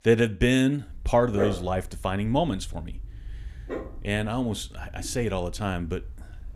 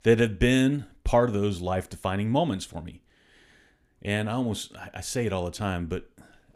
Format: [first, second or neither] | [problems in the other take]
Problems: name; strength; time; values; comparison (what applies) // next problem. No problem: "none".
second | dog barking; noticeable; from 1 s on; peak 3 dB below the speech